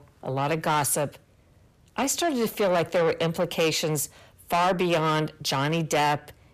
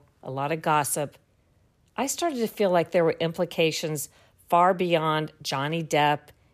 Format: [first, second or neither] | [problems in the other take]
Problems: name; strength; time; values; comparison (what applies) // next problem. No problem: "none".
second | distortion; heavy; 8 dB below the speech